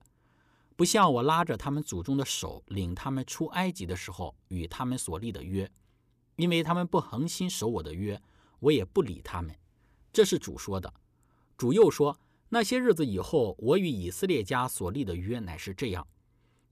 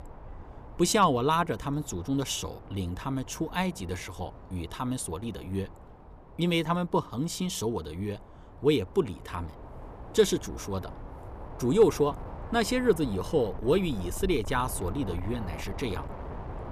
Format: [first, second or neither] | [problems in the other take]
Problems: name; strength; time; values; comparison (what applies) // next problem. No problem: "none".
first | wind noise on the microphone; occasional gusts; 15 dB below the speech